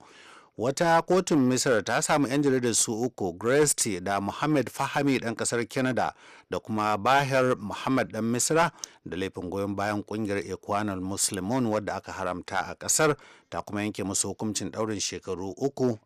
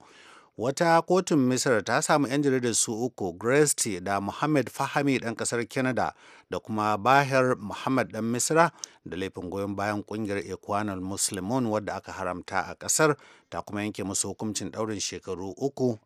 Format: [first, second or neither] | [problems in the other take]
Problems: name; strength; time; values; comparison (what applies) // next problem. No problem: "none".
second | distortion; slight; 1.9% of the sound clipped